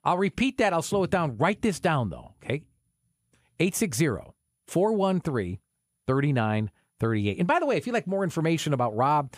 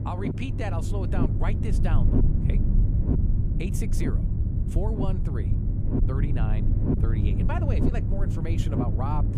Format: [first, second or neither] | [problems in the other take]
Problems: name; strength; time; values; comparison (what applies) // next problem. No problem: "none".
first | low rumble; loud; throughout; as loud as the speech